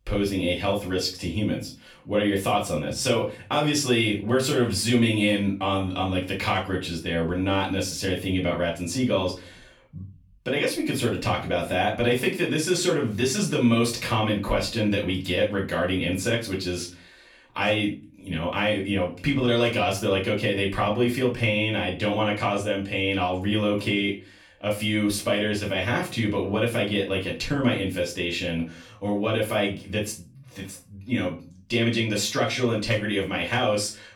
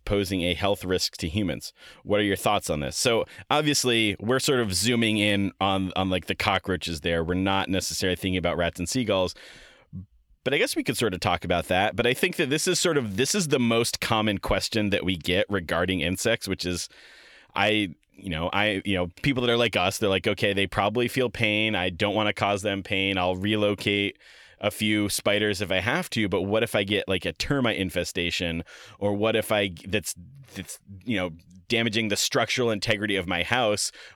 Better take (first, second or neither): second